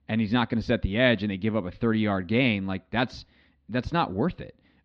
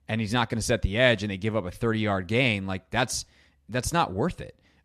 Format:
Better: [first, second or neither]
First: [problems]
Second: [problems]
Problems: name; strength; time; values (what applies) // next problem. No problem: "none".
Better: second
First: muffled; slightly; fading above 4 kHz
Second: none